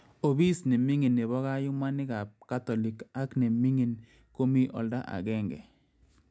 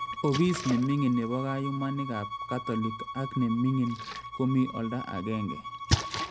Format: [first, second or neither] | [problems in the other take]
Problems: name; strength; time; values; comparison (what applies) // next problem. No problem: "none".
first | background sound (Splash, splatter + Bowed string instrument); 6 dB below the speech